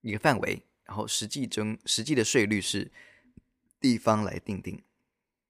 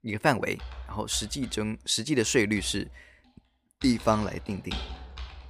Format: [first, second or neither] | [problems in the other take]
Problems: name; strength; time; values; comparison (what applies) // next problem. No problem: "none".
first | household noises; noticeable; throughout; 15 dB below the speech